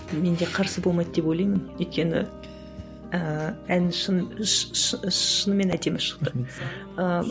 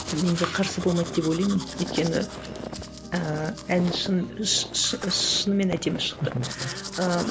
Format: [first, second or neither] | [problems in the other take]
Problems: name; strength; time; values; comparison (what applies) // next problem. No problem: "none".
first | background sound (Walk, footsteps + Domestic sounds, home sounds); 11 dB below the speech